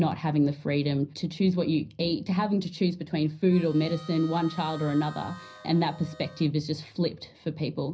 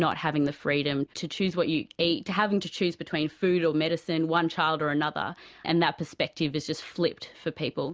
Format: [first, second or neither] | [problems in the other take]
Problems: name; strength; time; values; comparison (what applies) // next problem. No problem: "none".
second | background sound (Harmonica); 19 dB below the speech // room echo; dies away in 0.4 s